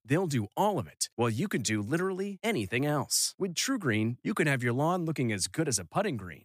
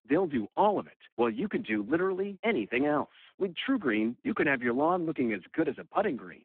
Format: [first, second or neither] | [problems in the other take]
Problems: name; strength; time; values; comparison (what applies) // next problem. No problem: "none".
first | phone-call audio; poor line